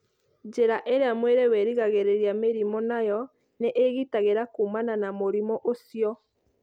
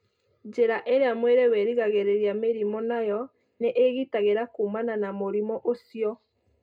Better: first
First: none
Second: room echo; dies away in 0.2 s

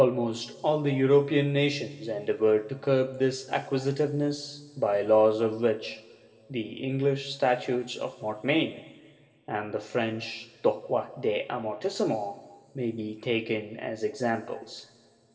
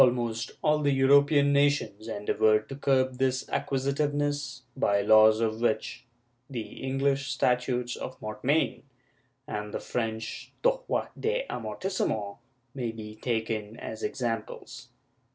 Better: second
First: room echo; dies away in 2.9 s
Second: none

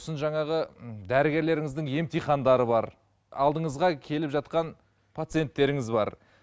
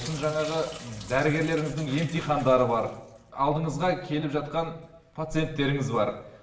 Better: first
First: none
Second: background sound (Drip / Sink (filling or washing)); 19 dB below the speech // room echo; dies away in 0.8 s

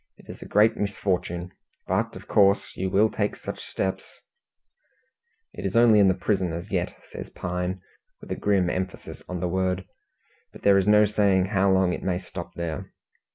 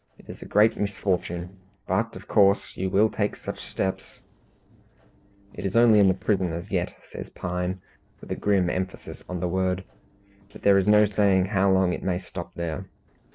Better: first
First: none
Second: noise reduction (neural separator model SepFormer DNS4)

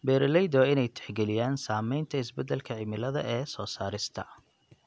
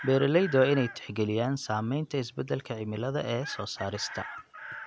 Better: first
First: none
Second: background sound (Chicken, rooster); 15 dB below the speech

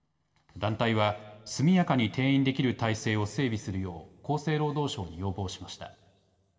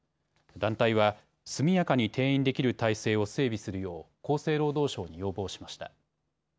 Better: second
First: room echo; dies away in 1.4 s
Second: none

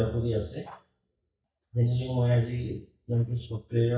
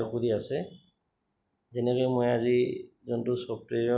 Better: second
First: noise reduction (neural mask model DeepFilterNet 3)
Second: none

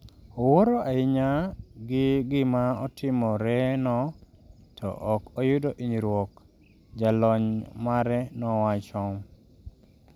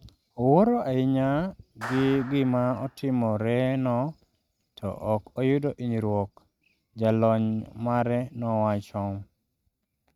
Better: first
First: none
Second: noise reduction (neural mask model RNNoise)

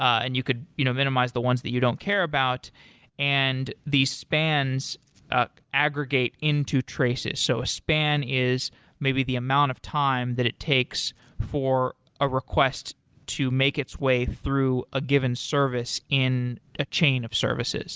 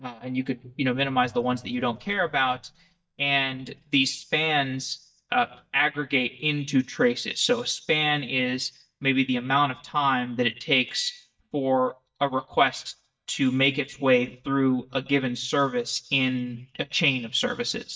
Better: first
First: none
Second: noise reduction (neural mask model DeepFilterNet 3)

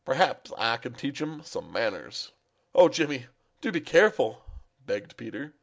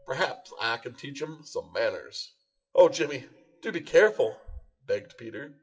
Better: first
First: none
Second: noise reduction (classical method WPE with log-MMSE)

